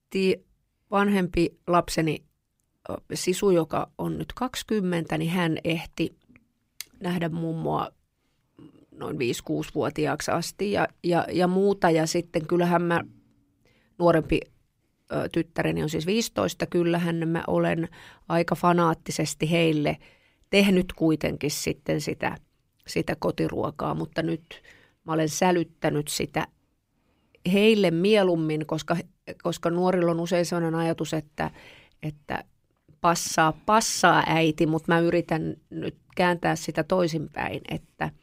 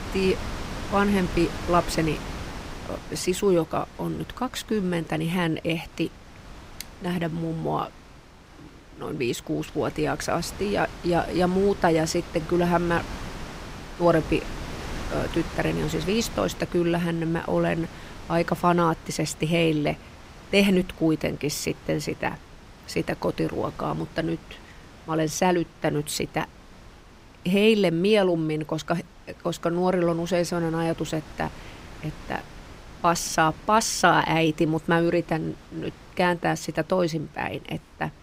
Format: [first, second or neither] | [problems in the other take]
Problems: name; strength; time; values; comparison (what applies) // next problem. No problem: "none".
first | wind noise on the microphone; occasional gusts; 15 dB below the speech